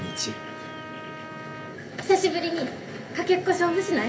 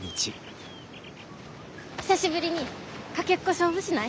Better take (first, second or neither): second